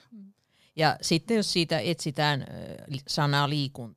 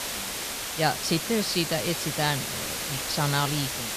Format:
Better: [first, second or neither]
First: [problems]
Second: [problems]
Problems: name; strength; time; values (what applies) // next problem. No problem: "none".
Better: first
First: none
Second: hiss; loud; throughout; 3 dB below the speech